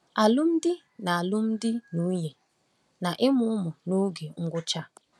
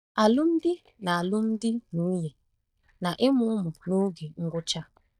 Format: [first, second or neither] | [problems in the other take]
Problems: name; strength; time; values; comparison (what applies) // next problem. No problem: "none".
first | noise reduction (neural mask model DeepFilterNet 3)